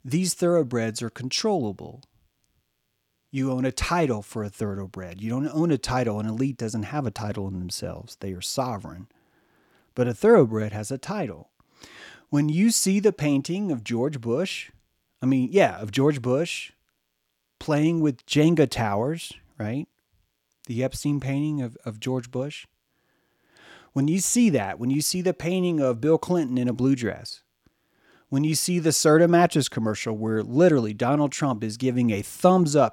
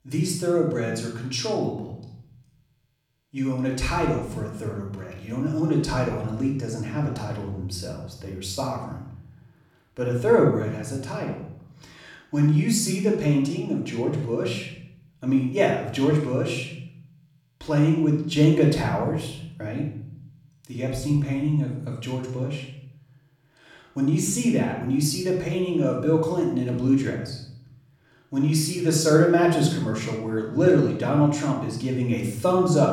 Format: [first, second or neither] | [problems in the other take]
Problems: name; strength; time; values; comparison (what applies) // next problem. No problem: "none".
first | off-mic speech; far // room echo; noticeable; dies away in 0.7 s